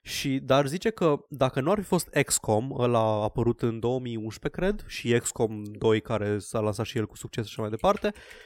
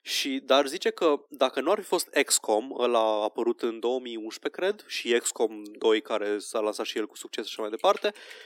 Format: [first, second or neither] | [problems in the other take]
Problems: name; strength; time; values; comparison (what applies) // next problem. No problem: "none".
first | thin; somewhat; fading below 250 Hz